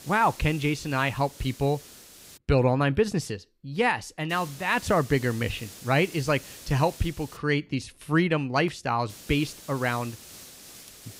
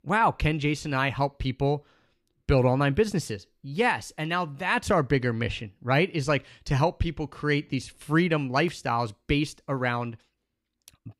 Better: second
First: hiss; noticeable; until 2.5 s, from 4.5 to 7.5 s and from 9 s on; 20 dB below the speech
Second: none

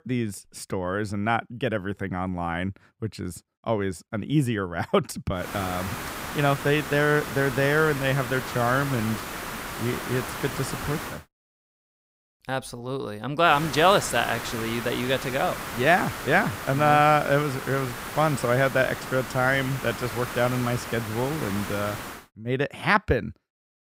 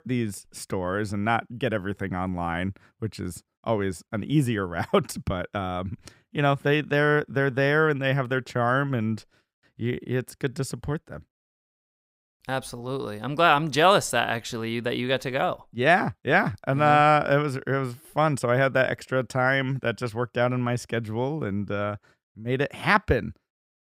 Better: second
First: hiss; loud; from 5.5 to 11 s and from 14 to 22 s; 8 dB below the speech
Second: none

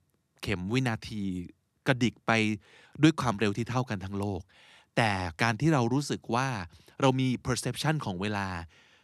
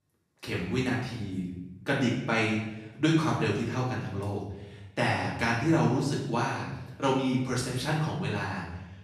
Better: first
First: none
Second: off-mic speech; far // room echo; noticeable; dies away in 0.9 s

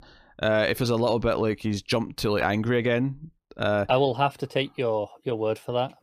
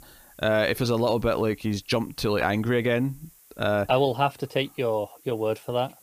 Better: first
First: none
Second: hiss; faint; throughout; 25 dB below the speech

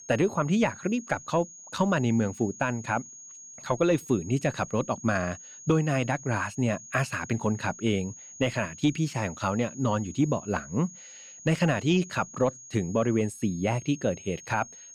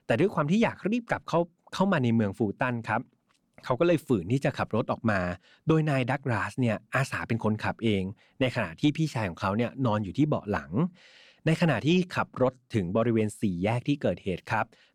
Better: second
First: high-pitched whine; noticeable; throughout; 6.5 kHz, 15 dB below the speech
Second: none

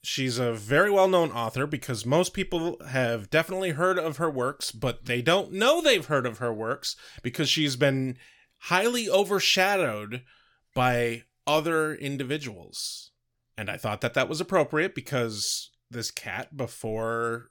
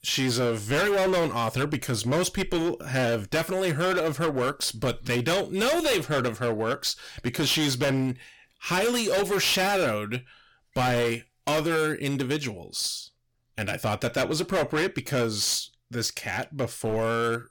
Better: first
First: none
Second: distortion; heavy; 18% of the sound clipped

